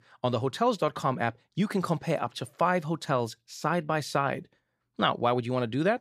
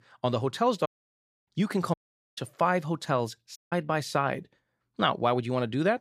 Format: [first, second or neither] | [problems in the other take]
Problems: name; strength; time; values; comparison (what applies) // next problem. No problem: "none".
first | audio cutting out; at 1 s for 0.5 s, at 2 s and at 3.5 s